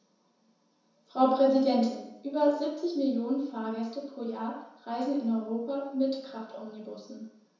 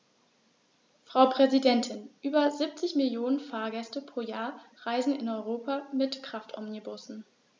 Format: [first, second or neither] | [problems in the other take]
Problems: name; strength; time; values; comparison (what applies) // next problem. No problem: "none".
second | room echo; dies away in 0.7 s